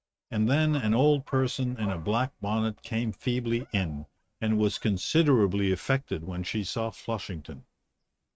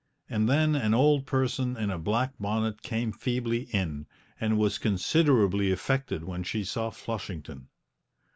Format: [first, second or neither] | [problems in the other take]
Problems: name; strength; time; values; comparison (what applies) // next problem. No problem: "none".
second | noise reduction (neural mask model RNNoise)